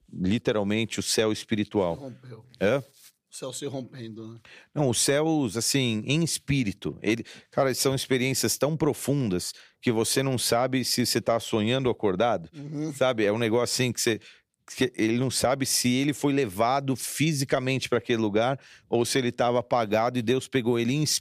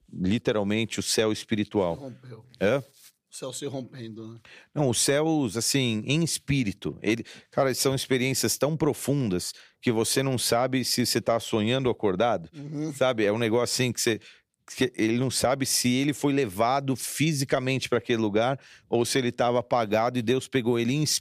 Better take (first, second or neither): neither